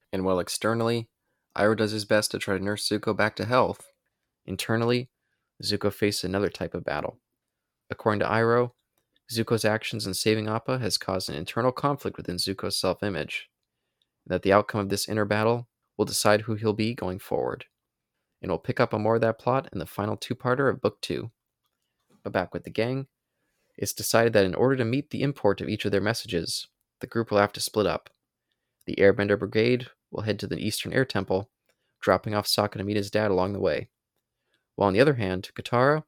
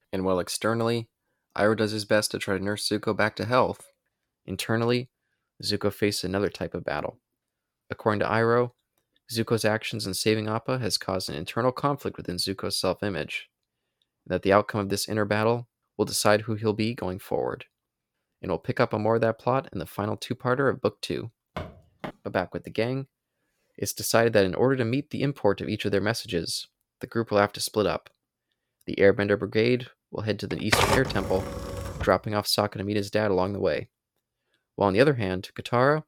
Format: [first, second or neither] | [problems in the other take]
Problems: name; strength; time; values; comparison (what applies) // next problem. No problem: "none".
first | footsteps; faint; at 22 s; peak 15 dB below the speech // keyboard typing; loud; from 31 to 32 s; peak 4 dB above the speech